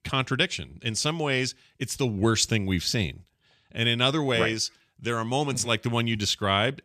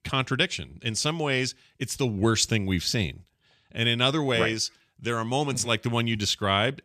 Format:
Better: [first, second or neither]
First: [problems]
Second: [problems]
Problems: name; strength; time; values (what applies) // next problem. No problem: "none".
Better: neither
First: none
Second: none